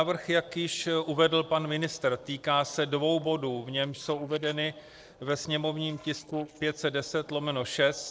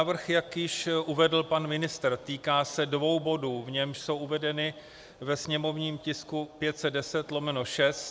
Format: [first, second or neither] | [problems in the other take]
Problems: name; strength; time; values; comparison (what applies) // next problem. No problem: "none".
second | noise reduction (neural separator model SepFormer DNS4)